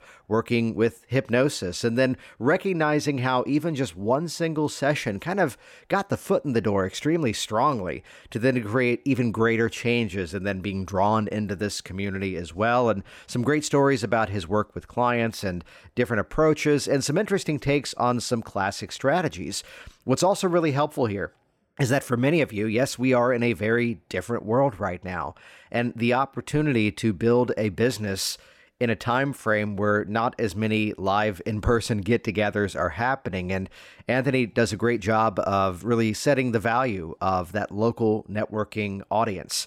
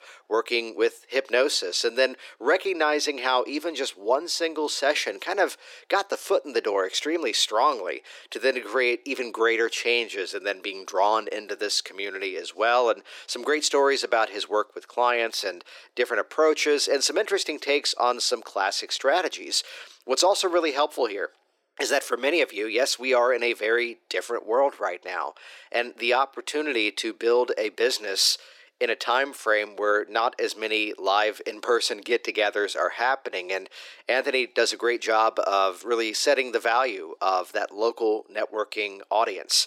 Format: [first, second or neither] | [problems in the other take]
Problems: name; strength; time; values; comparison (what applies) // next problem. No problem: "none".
first | thin; very; fading below 350 Hz